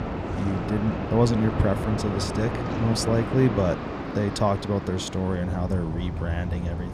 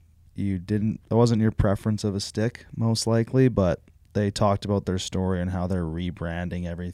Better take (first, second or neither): second